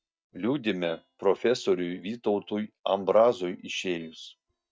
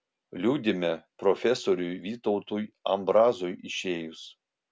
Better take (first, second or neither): second